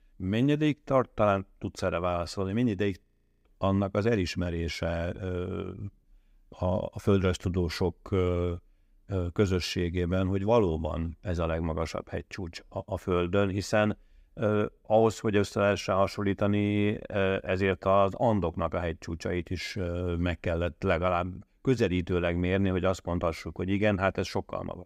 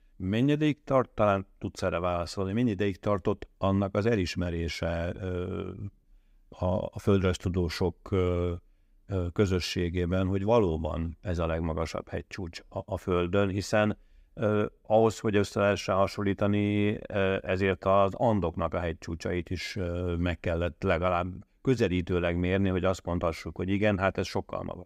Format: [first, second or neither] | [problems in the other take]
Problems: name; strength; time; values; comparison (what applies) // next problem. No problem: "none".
second | audio freezing; at 3 s